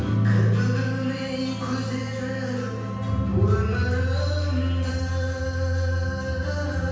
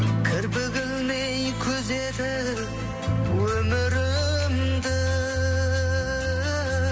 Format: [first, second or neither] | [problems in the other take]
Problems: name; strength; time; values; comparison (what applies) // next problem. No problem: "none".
second | room echo; dies away in 1.3 s